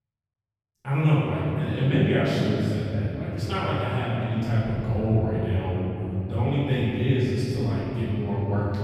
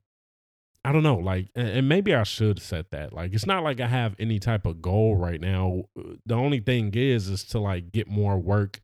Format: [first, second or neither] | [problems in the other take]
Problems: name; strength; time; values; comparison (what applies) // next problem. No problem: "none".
second | off-mic speech; far // room echo; strong; dies away in 3 s